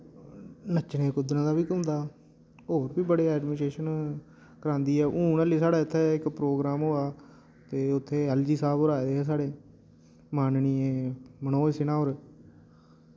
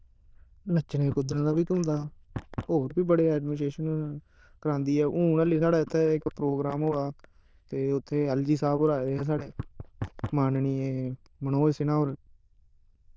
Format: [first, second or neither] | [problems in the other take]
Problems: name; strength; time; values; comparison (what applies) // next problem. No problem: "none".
first | noise reduction (neural diffusion model UNIVERSE++)